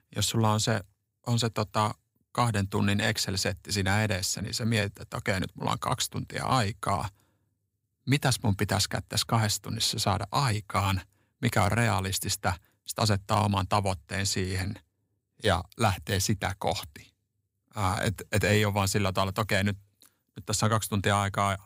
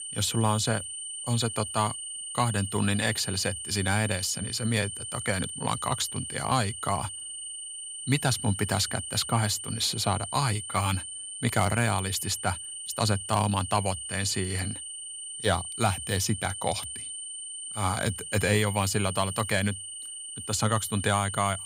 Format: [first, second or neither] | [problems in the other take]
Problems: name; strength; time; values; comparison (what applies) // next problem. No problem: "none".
first | high-pitched whine; loud; throughout; 9 kHz, 7 dB below the speech